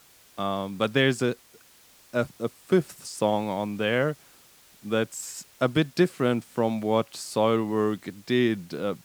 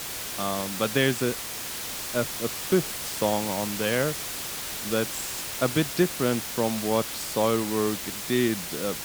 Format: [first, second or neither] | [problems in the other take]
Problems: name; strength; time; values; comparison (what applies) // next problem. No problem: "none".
first | hiss; loud; throughout; 3 dB below the speech; faint in the first